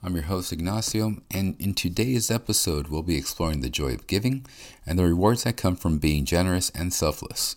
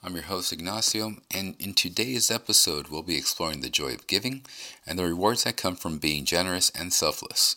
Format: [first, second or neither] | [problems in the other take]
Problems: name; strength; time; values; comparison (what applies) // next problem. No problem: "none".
first | thin; somewhat; fading below 600 Hz